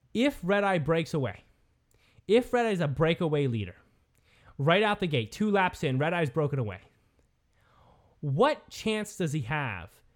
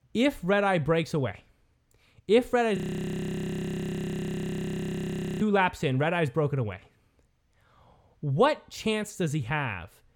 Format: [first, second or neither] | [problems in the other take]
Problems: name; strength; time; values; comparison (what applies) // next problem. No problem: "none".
first | audio freezing; at 3 s for 2.5 s